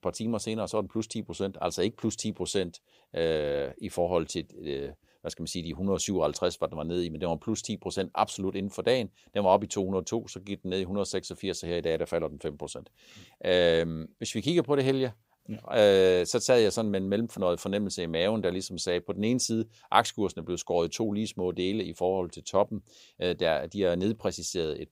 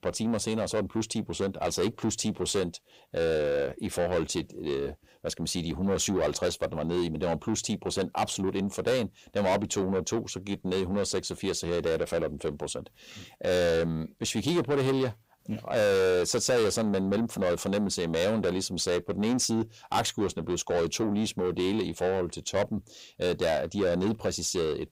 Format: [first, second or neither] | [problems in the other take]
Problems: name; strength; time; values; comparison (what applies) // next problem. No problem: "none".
first | distortion; heavy; 7 dB below the speech